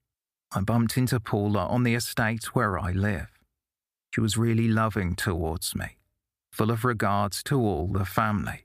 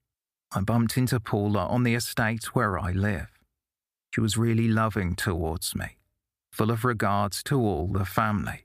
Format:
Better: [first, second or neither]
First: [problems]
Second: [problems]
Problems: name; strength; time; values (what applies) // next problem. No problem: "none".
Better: neither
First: none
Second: none